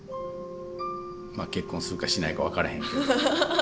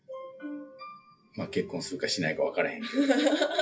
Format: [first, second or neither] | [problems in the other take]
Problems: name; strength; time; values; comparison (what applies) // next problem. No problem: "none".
first | noise reduction (classical method WPE with log-MMSE)